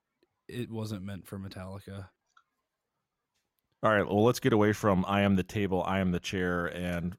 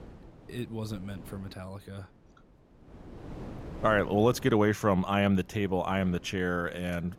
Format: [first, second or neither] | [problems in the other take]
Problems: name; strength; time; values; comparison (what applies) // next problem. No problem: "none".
first | wind noise on the microphone; occasional gusts; 25 dB below the speech